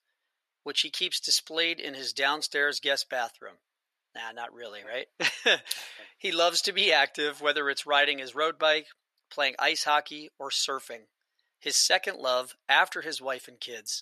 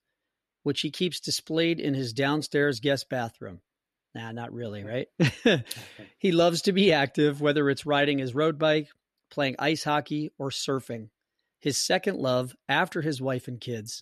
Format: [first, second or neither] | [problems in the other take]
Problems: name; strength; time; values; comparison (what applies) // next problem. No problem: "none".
second | thin; very; fading below 850 Hz